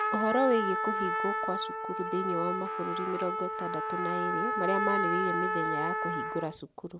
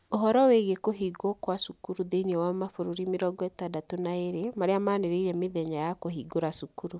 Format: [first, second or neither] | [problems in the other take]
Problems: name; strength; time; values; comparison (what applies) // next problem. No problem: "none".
second | background sound (Trumpet); 1 dB above the speech